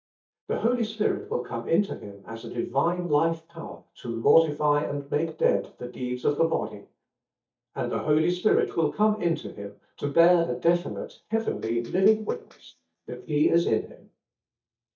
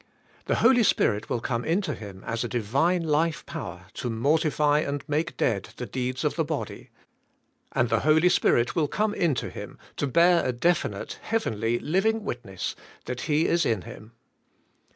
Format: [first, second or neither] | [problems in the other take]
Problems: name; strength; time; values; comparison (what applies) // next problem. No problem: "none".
second | noise reduction (neural mask model DeepFilterNet 3)